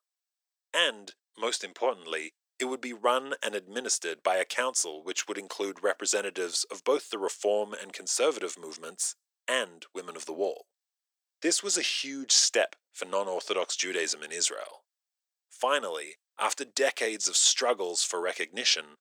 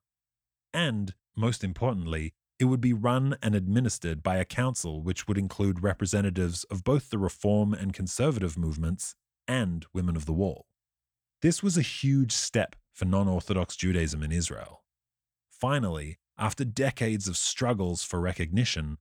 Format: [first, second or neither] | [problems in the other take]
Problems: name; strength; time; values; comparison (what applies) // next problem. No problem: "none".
second | thin; very; fading below 350 Hz